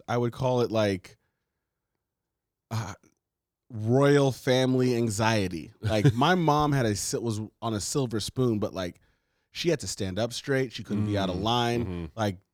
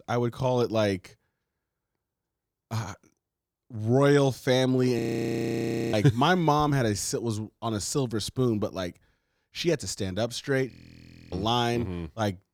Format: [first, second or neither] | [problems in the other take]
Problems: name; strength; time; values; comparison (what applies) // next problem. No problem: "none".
first | audio freezing; at 5 s for 1 s and at 11 s for 0.5 s